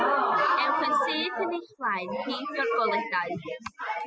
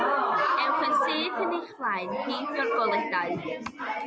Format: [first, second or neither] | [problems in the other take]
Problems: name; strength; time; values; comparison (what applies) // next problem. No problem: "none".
second | noise reduction (classical method spectral subtraction)